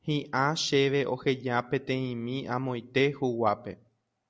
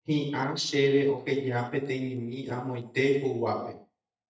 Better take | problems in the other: first | noise reduction (neural mask model DeepFilterNet 3)

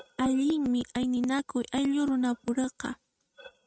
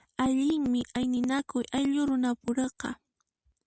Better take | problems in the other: second | noise reduction (neural mask model RNNoise)

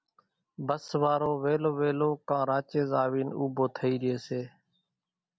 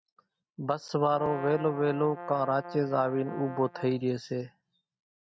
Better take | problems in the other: first | noise reduction (neural mask model RNNoise)

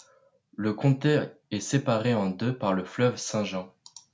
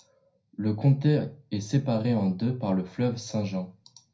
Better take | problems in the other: first | room echo; dies away in 0.4 s

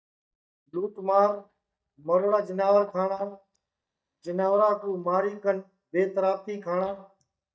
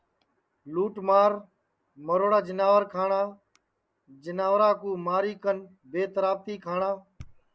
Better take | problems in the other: second | noise reduction (neural mask model DeepFilterNet 3)

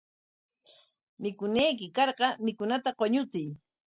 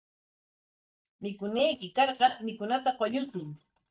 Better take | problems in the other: first | noise reduction (neural mask model DeepFilterNet 3)

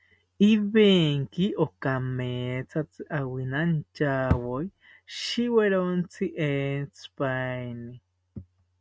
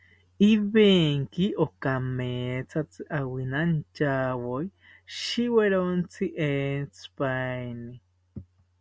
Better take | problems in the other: second | noise reduction (neural mask model RNNoise)

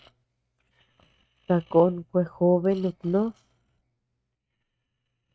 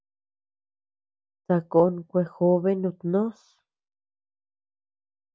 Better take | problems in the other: second | noise reduction (neural mask model RNNoise)

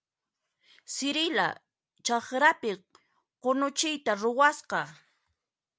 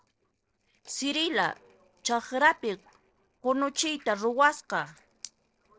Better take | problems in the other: first | noise reduction (neural separator model SepFormer DNS4)

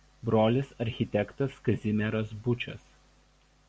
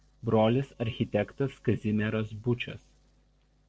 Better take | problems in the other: first | noise reduction (neural separator model SepFormer DNS4)

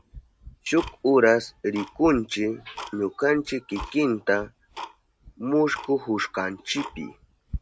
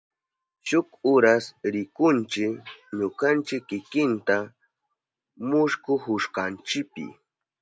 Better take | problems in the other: second | background sound (Tick-tock); 16 dB below the speech

